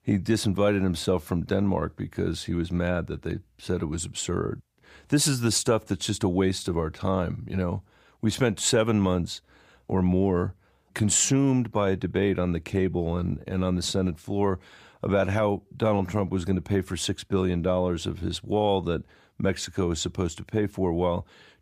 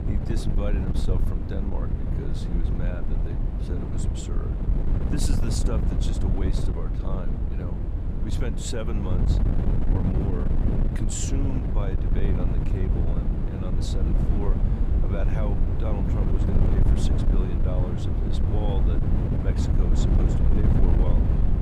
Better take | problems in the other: first | wind noise on the microphone; heavy; 1 dB above the speech

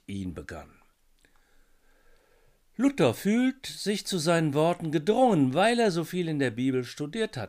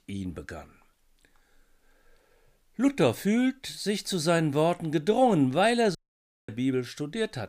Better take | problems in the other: first | audio cutting out; at 6 s for 0.5 s

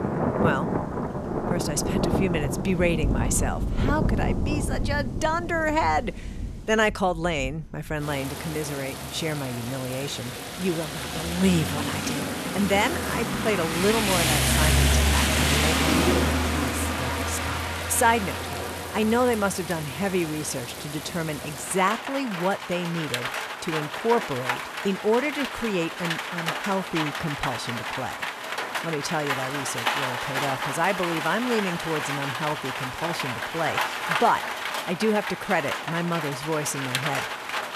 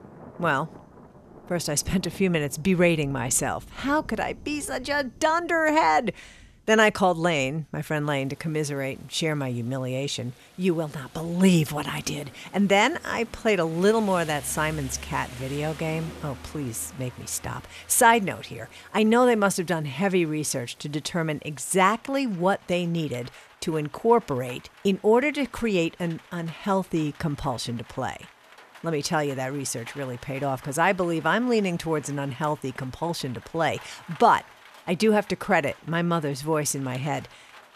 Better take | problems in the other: second | rain or running water; loud; throughout; as loud as the speech; faint in the second

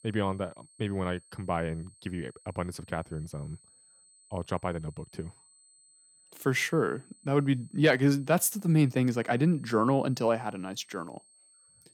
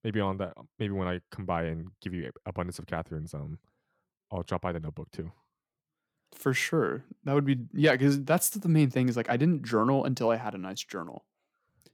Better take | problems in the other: second | high-pitched whine; faint; throughout; 8.5 kHz, 30 dB below the speech

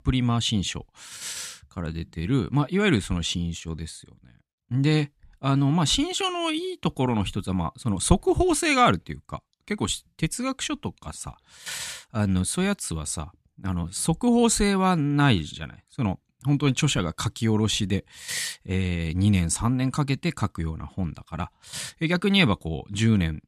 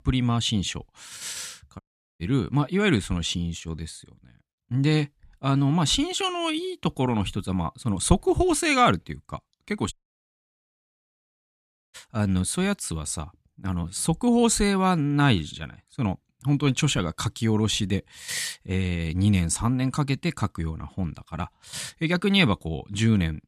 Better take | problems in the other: first | audio cutting out; at 2 s and at 10 s for 2 s

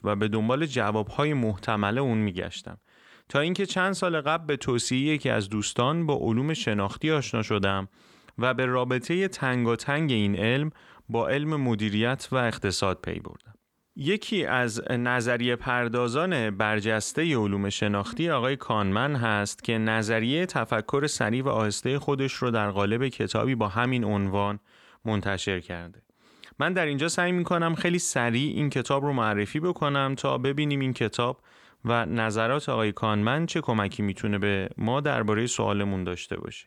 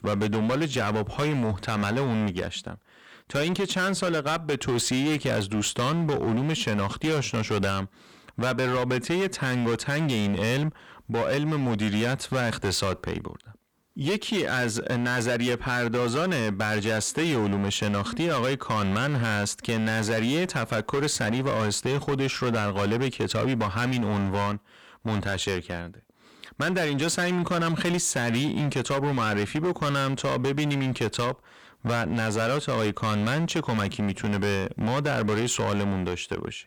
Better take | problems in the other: first | distortion; heavy; 20% of the sound clipped

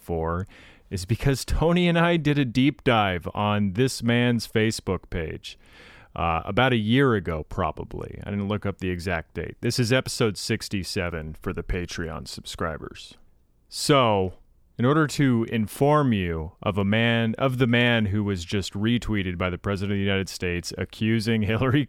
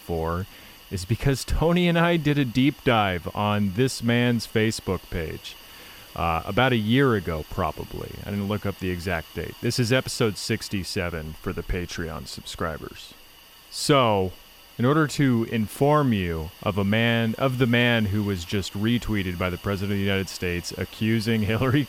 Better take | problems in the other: first | hiss; faint; throughout; 20 dB below the speech

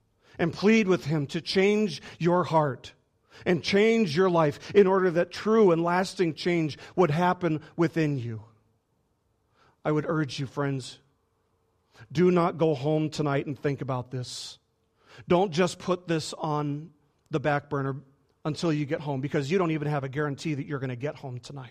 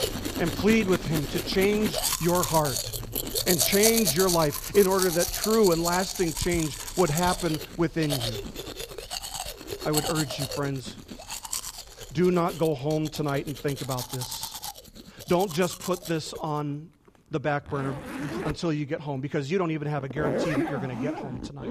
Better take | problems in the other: first | household noises; loud; throughout; 3 dB below the speech

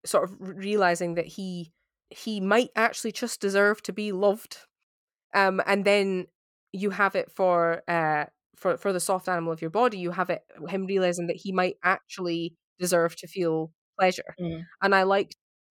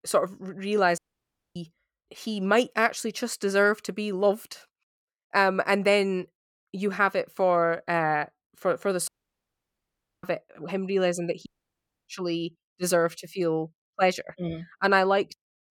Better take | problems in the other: first | audio cutting out; at 1 s for 0.5 s, at 9 s for 1 s and at 11 s for 0.5 s

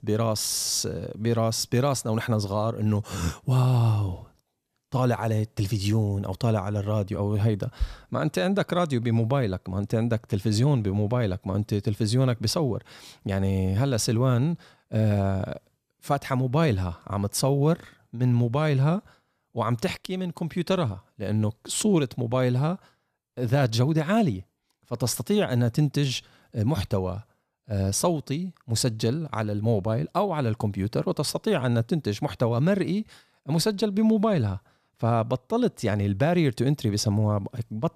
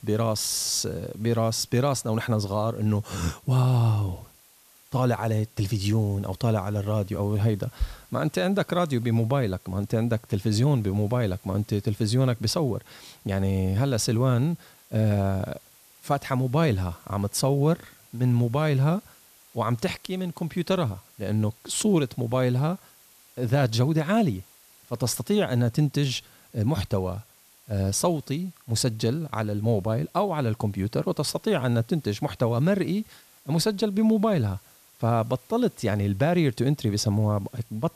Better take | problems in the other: first | hiss; faint; throughout; 25 dB below the speech

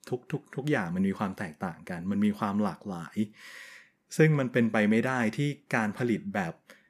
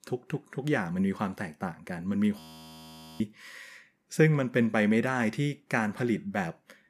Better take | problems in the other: first | audio freezing; at 2.5 s for 1 s

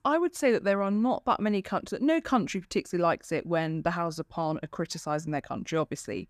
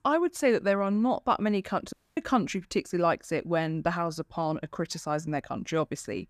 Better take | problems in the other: first | audio cutting out; at 2 s

